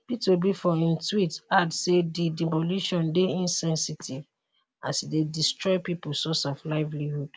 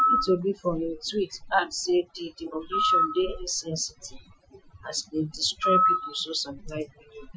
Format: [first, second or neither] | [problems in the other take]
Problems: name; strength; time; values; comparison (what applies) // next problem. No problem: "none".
first | noise reduction (classical method Wiener filter)